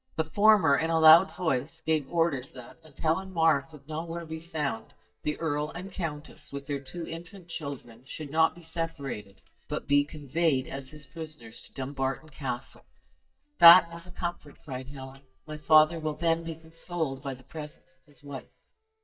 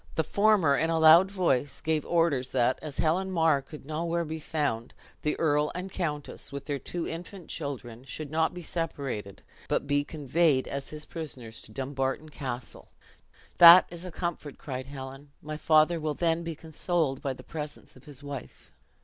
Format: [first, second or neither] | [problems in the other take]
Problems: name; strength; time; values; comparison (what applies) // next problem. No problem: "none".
second | noise reduction (neural mask model DeepFilterNet 3)